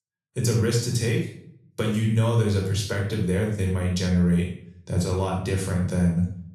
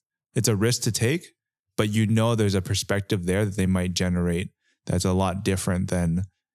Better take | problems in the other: second | off-mic speech; far // room echo; noticeable; dies away in 0.5 s

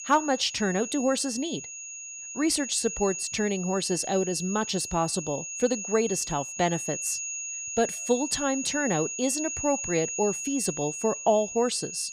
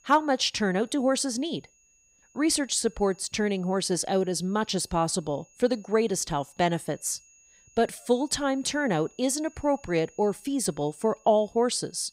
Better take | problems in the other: second | high-pitched whine; loud; throughout; 6.5 kHz, 6 dB below the speech; faint in the second

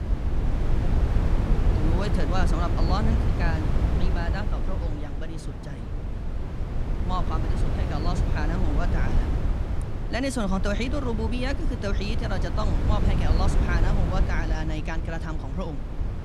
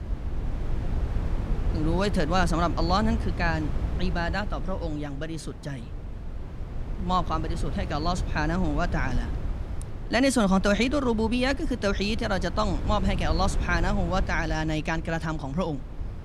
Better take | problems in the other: second | wind noise on the microphone; heavy; 4 dB below the speech; occasional gusts in the second

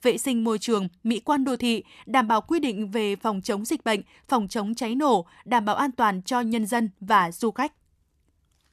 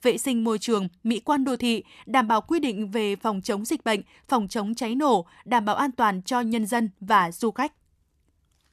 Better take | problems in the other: neither | none

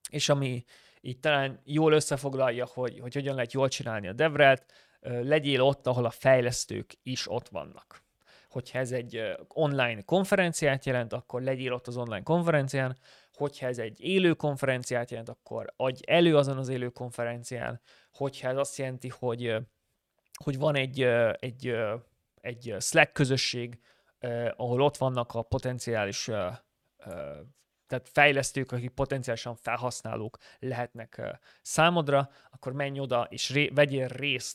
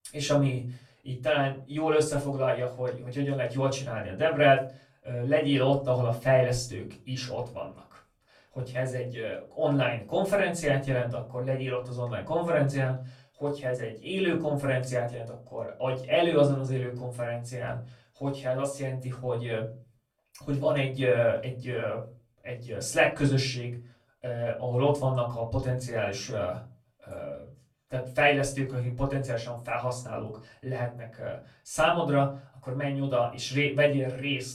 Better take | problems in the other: first | off-mic speech; far // room echo; slight; dies away in 0.3 s

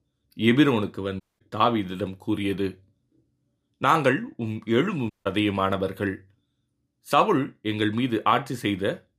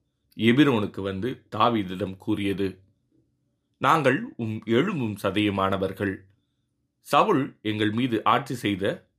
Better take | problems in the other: second | audio cutting out; at 1 s and at 5 s

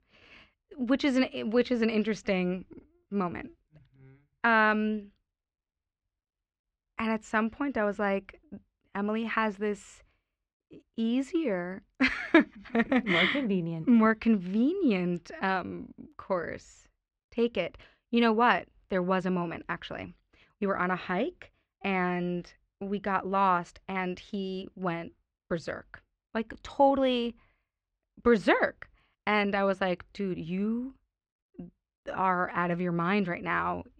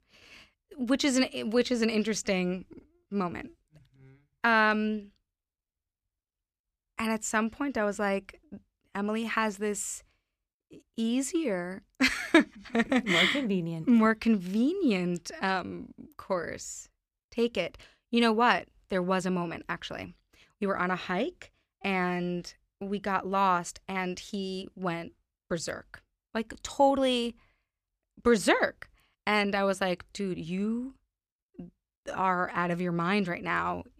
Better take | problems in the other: second | muffled; slightly; fading above 3 kHz

